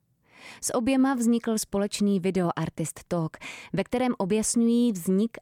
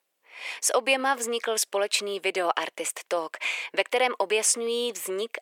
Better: first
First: none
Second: thin; very; fading below 450 Hz

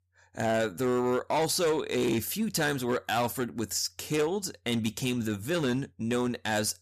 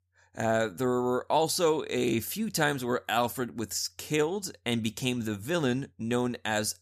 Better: second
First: distortion; slight; 8% of the sound clipped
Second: none

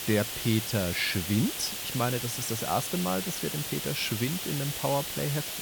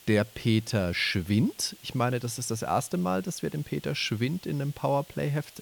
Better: second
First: hiss; loud; throughout; 2 dB below the speech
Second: hiss; faint; throughout; 20 dB below the speech

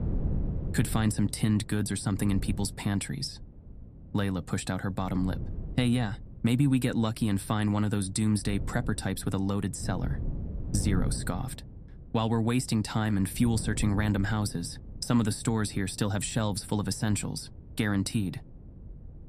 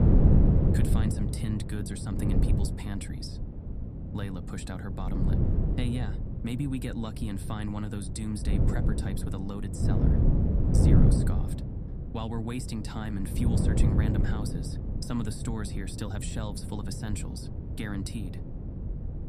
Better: first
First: wind noise on the microphone; occasional gusts; 15 dB below the speech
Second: wind noise on the microphone; heavy; 1 dB above the speech

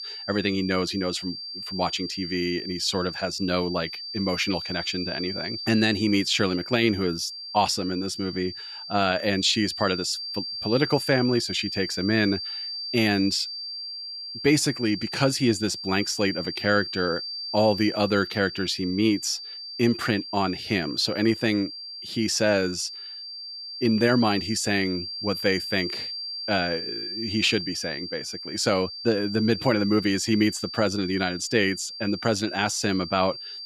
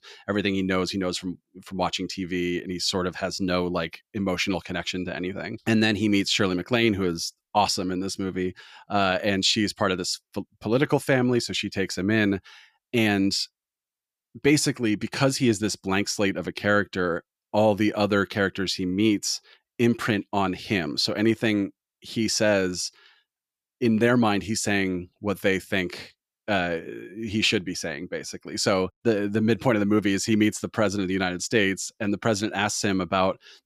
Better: second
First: high-pitched whine; loud; throughout; 4.5 kHz, 8 dB below the speech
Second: none

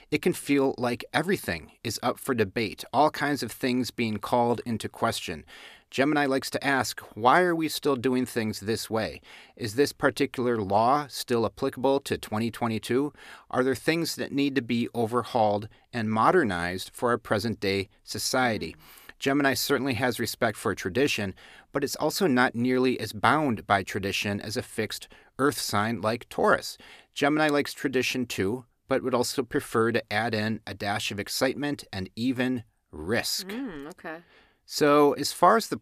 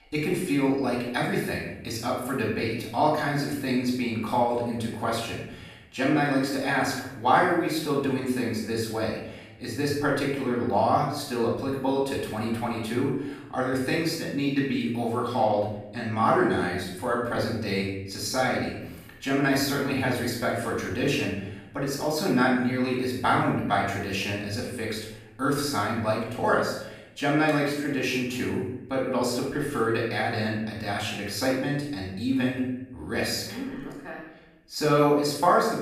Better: first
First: none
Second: off-mic speech; far // room echo; noticeable; dies away in 0.8 s

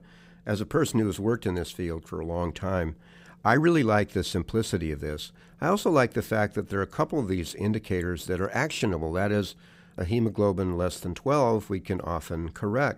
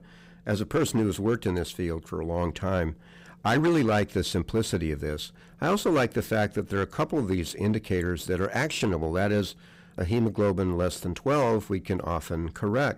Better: first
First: none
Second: distortion; slight; 6% of the sound clipped

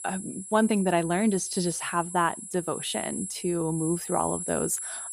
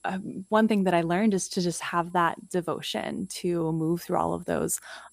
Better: second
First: high-pitched whine; loud; throughout; 10.5 kHz, 7 dB below the speech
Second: high-pitched whine; faint; throughout; 10.5 kHz, 30 dB below the speech

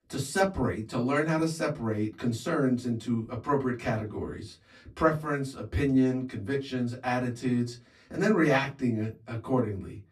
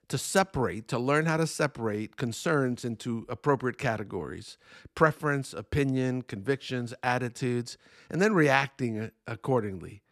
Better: second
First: off-mic speech; far // room echo; very slight; dies away in 0.2 s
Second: none

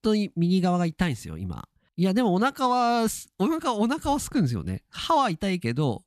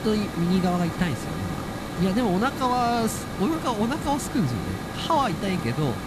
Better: first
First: none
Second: hiss; loud; throughout; 6 dB below the speech

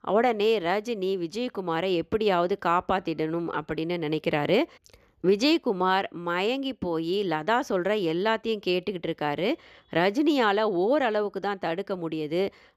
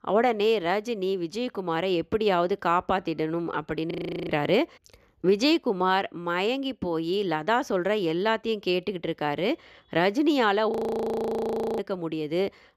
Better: first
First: none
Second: audio freezing; at 4 s and at 11 s for 1 s

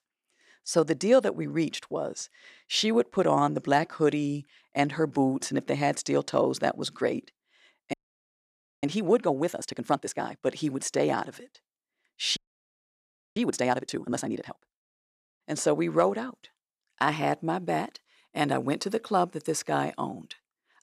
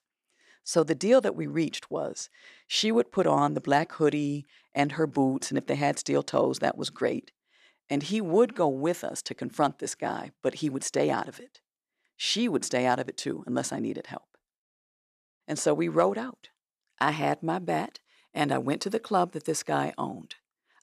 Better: second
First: audio freezing; at 8 s for 1 s and at 12 s for 1 s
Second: none

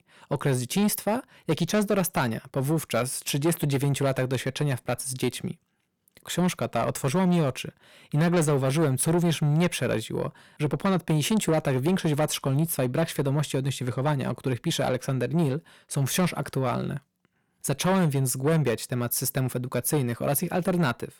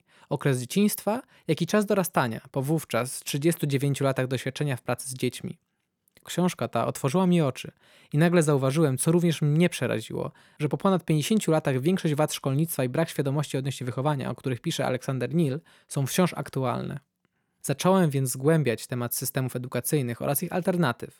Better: second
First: distortion; slight; 10 dB below the speech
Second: none

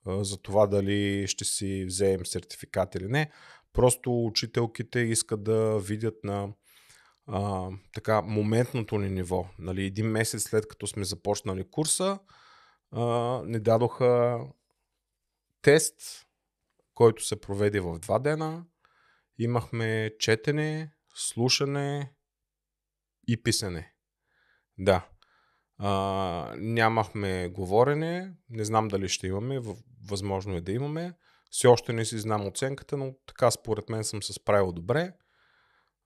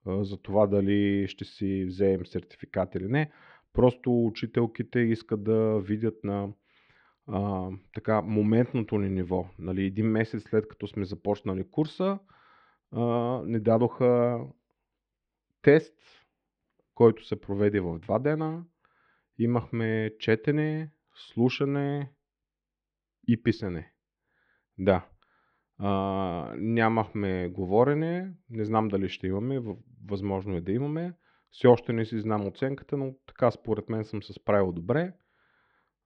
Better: first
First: none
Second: muffled; very; fading above 3 kHz

